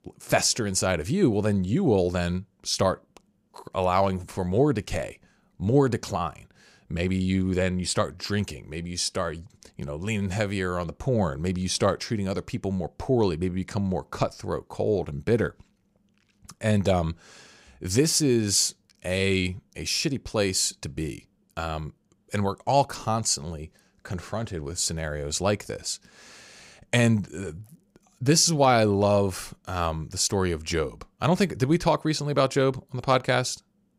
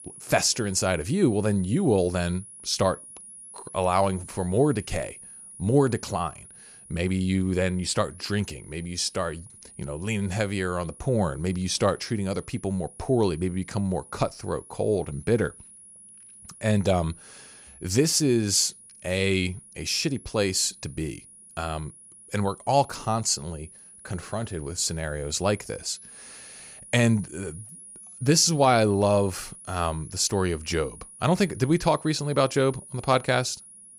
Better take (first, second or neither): first